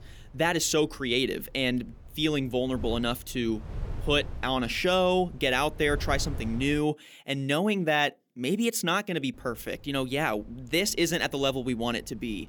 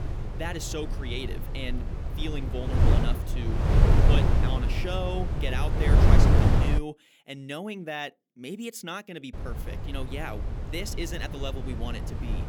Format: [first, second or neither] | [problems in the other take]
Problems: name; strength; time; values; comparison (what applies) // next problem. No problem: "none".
first | wind noise on the microphone; heavy; until 7 s and from 9.5 s on; as loud as the speech; occasional gusts in the first